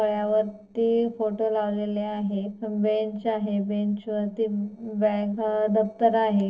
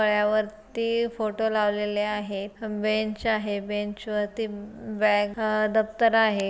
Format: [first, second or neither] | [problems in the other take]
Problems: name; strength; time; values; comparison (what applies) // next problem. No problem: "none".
second | noise reduction (neural separator model SepFormer DNS4)